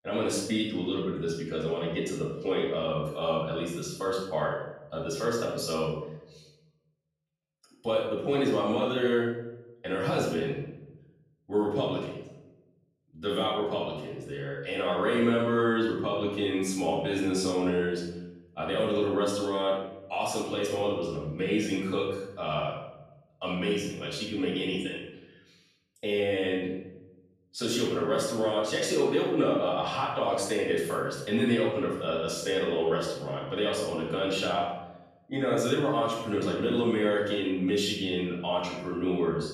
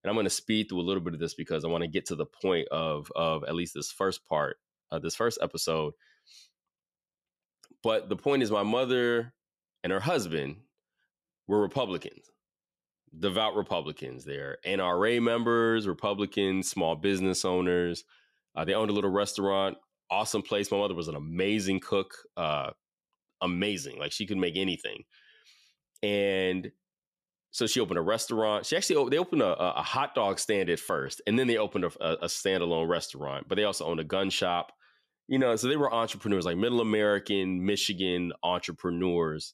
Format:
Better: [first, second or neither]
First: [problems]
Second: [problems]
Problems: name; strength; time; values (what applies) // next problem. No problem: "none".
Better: second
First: off-mic speech; far // room echo; noticeable; dies away in 0.8 s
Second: none